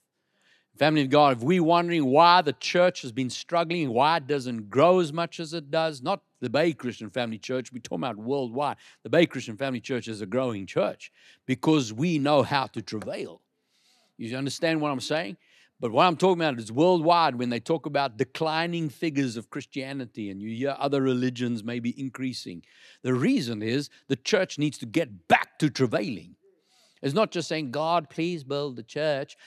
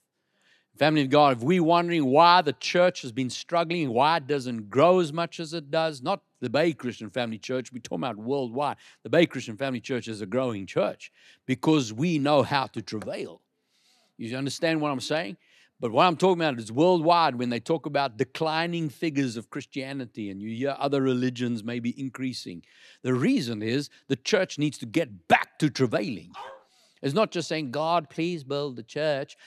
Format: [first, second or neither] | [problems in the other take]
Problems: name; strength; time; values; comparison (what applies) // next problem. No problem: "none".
first | dog barking; faint; at 26 s; peak 15 dB below the speech